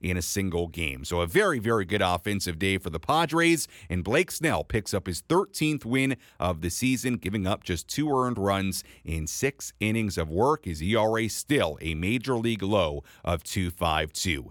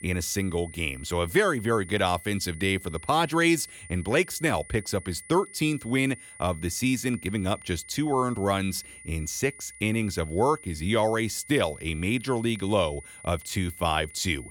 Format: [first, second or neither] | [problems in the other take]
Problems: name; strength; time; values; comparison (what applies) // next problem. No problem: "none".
first | high-pitched whine; noticeable; throughout; 2 kHz, 15 dB below the speech